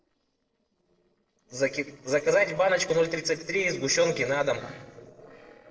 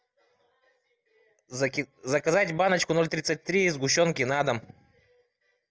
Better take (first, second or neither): second